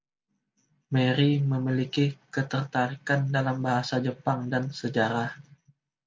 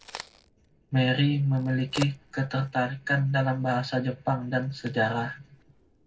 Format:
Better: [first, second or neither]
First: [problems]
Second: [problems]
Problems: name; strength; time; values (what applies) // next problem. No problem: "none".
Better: first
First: none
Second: background sound (Crack); 18 dB below the speech // room echo; dies away in 0.3 s